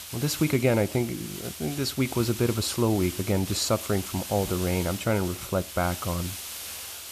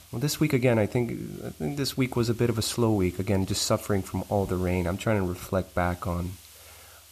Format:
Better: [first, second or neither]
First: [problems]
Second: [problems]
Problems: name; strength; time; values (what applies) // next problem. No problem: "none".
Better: second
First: hiss; loud; throughout; 9 dB below the speech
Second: hiss; faint; throughout; 20 dB below the speech